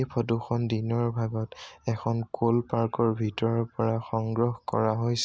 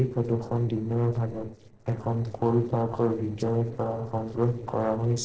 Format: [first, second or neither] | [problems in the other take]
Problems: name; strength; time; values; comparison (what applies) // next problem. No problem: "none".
first | noise reduction (neural separator model SepFormer DNS4)